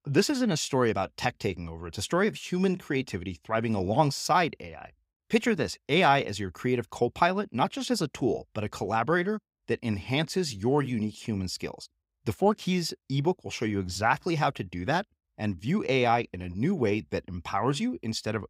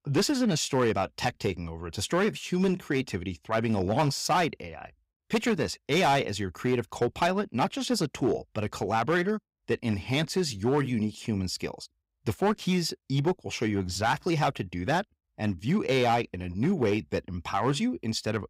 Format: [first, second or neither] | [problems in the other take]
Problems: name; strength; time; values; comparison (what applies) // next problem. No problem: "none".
first | distortion; slight; 5% of the sound clipped